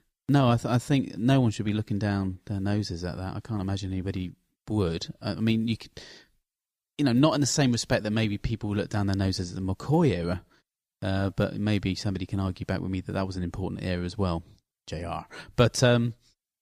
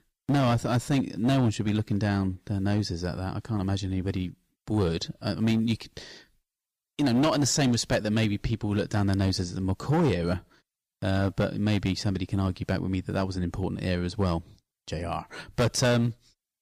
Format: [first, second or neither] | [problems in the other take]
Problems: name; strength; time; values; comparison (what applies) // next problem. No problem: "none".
first | distortion; slight; 6% of the sound clipped